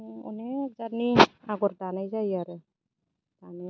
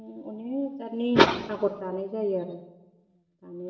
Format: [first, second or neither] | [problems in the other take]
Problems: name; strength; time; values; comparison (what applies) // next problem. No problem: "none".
first | room echo; dies away in 1.1 s